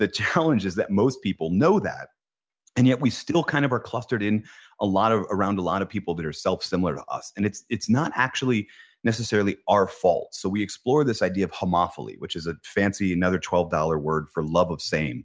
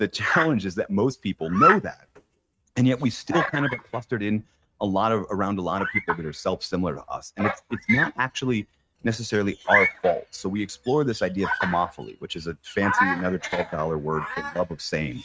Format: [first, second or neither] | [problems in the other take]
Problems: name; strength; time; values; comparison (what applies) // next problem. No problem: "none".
first | noise reduction (neural mask model RNNoise)